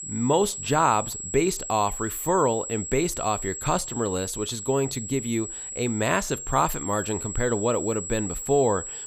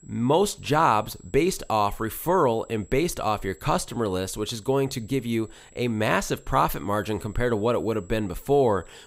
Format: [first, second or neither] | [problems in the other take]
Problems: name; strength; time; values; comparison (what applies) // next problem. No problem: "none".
second | high-pitched whine; loud; throughout; 7.5 kHz, 7 dB below the speech; faint in the second